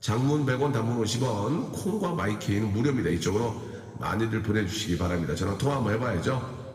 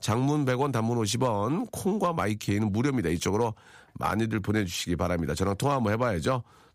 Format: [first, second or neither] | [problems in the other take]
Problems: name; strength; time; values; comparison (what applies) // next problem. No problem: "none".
second | room echo; noticeable; dies away in 1.7 s // off-mic speech; somewhat distant